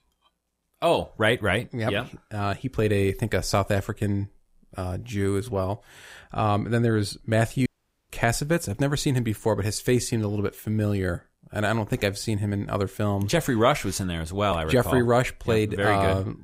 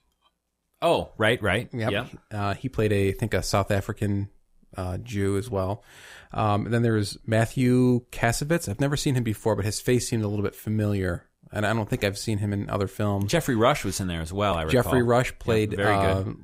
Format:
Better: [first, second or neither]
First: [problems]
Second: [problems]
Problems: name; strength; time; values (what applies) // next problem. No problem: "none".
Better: second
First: audio cutting out; at 7.5 s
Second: none